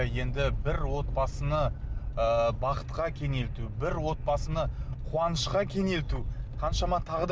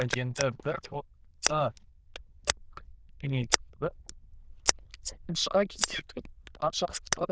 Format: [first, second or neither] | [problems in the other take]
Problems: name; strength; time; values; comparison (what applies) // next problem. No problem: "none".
first | noise reduction (neural diffusion model UNIVERSE++)